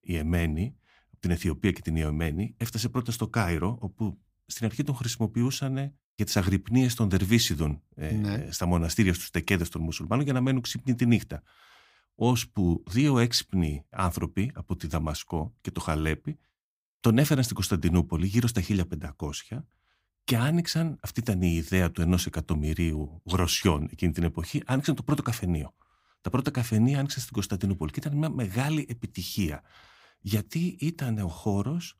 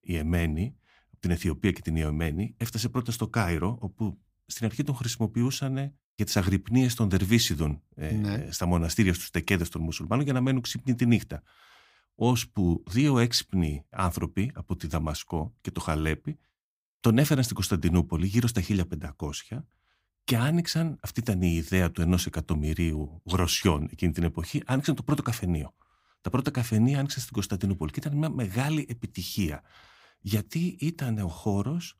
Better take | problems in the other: neither | none

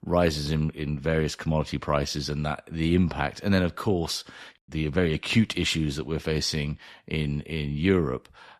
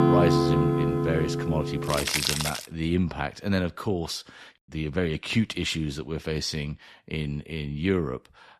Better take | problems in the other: first | background music; very loud; until 2.5 s; 4 dB above the speech

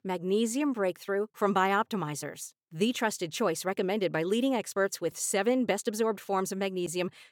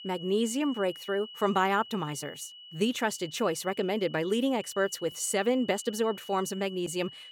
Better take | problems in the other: first | high-pitched whine; noticeable; throughout; 3 kHz, 15 dB below the speech

